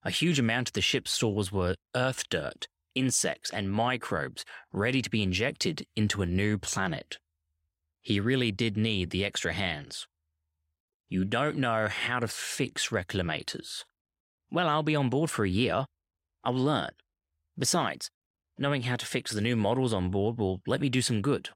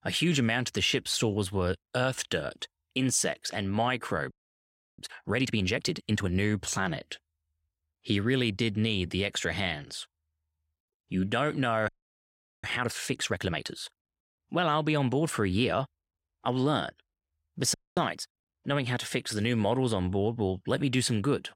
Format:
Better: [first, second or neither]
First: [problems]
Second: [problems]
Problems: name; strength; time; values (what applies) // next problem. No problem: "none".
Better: first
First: none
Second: audio freezing; at 4.5 s for 0.5 s, at 12 s for 1 s and at 18 s